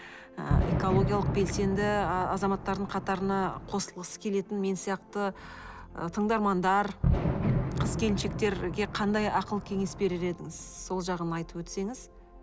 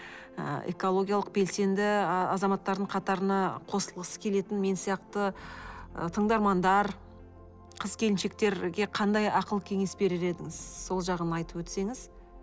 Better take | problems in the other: second | background sound (Fireworks); as loud as the speech

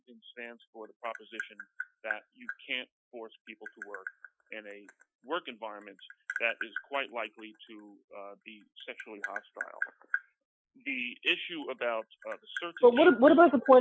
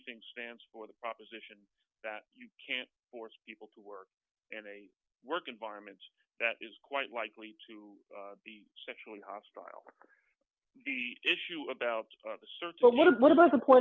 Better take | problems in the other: second | noise reduction (classical method Wiener filter)

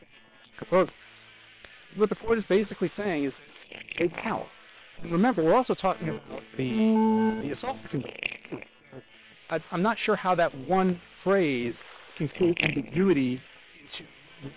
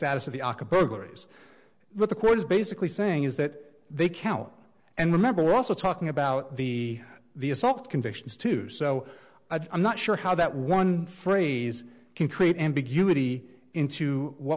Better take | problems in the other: second | noise reduction (neural separator model SepFormer WHAM!)

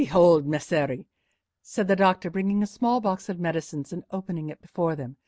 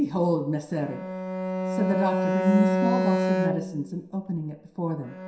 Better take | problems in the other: first | background sound (Bowed string instrument); as loud as the speech // room echo; dies away in 0.7 s

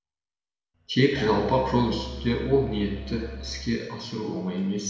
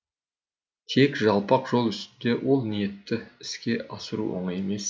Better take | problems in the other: second | background sound (Musical instrument); 11 dB below the speech // room echo; dies away in 1 s

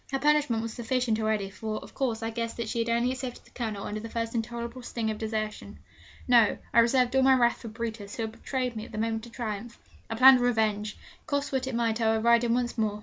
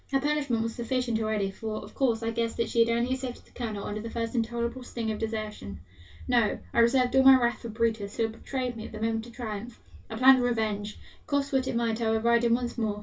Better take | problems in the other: first | room echo; dies away in 0.1 s

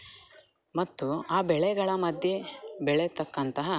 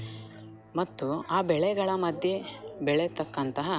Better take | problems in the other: first | background sound (Musical instrument); 18 dB below the speech

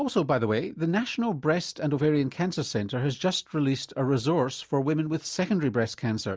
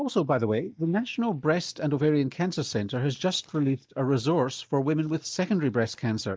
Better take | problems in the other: first | noise reduction (neural mask model DeepFilterNet 3)

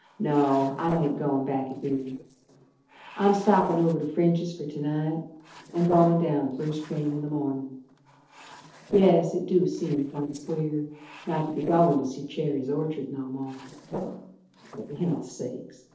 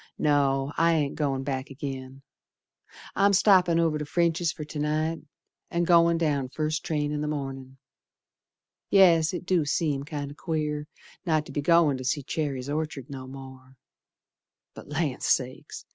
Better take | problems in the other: second | noise reduction (neural separator model SepFormer DNS4)

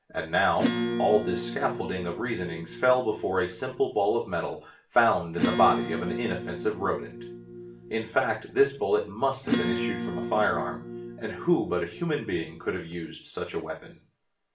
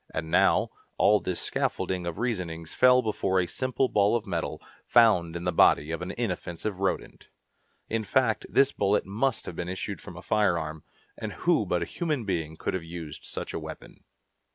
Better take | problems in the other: second | background sound (Acoustic guitar / Strum); 5 dB below the speech // room echo; dies away in 0.3 s

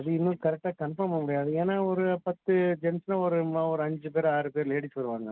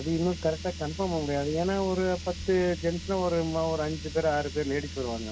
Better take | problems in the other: first | background sound (Car); 10 dB below the speech

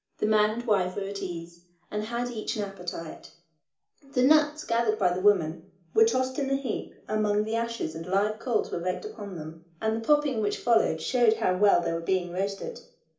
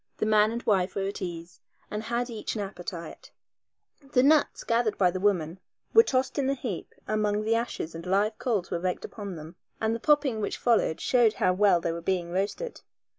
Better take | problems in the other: second | room echo; dies away in 0.4 s

